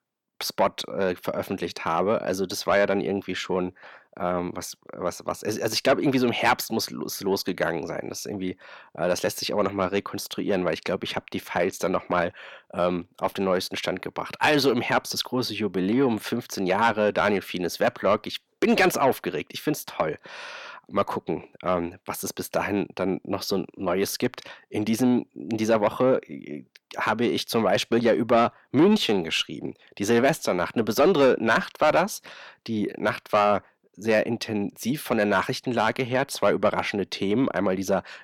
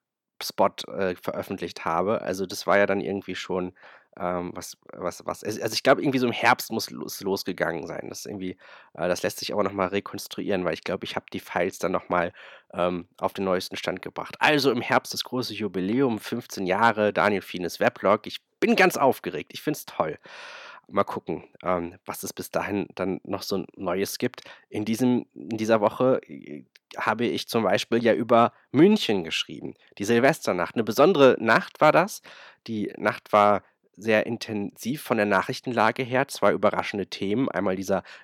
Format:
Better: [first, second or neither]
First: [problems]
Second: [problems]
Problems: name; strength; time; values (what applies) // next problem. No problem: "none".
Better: second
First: distortion; slight; 10 dB below the speech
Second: none